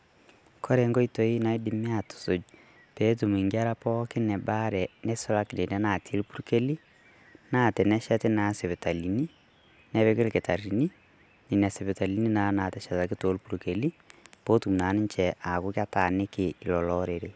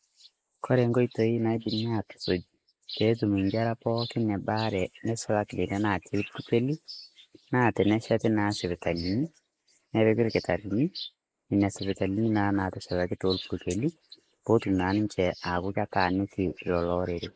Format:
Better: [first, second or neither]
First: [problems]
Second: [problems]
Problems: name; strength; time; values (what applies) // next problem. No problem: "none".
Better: first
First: none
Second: noise reduction (neural mask model Resemble Enhance denoiser)